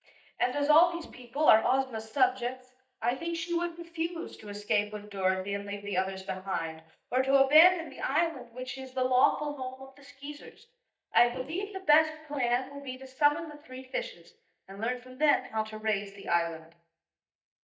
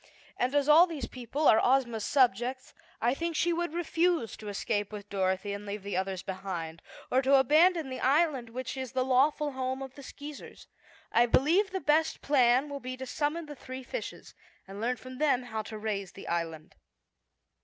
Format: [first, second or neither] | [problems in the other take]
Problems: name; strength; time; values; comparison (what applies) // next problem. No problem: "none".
second | noise reduction (neural mask model DeepFilterNet 3)